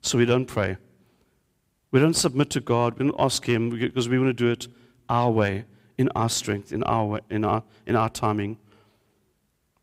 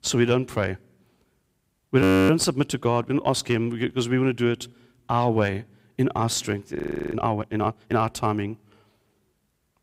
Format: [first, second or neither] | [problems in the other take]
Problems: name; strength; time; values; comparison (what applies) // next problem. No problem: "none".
first | audio freezing; at 2 s and at 7 s